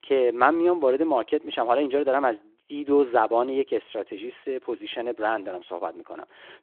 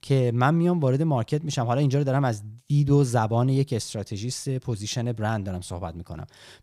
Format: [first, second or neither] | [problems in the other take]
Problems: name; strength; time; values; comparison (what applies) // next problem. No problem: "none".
second | phone-call audio